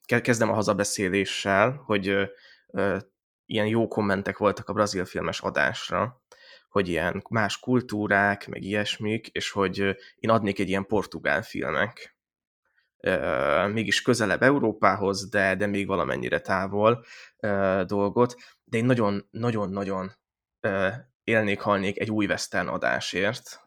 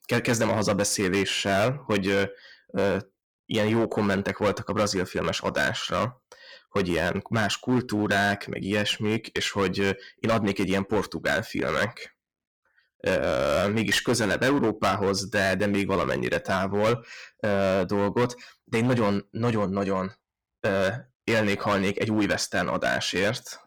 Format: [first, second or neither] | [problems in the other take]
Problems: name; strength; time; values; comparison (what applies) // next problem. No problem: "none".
first | distortion; heavy; 11% of the sound clipped